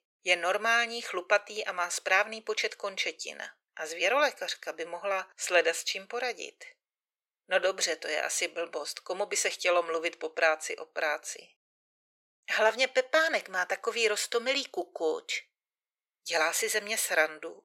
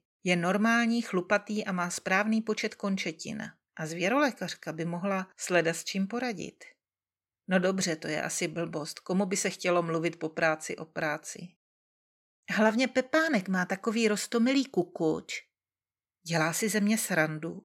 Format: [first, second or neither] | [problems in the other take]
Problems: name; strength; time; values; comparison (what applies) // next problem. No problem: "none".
second | thin; very; fading below 450 Hz